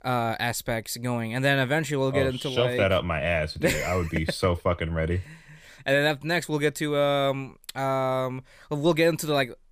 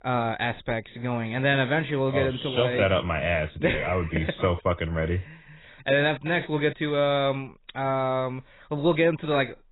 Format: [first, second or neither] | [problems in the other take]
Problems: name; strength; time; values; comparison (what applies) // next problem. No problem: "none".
first | garbled, watery; badly; nothing above 4 kHz